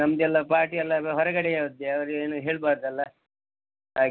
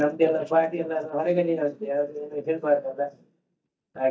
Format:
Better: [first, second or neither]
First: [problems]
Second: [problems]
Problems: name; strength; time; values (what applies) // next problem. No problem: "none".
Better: first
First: none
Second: noise reduction (neural mask model DeepFilterNet 3)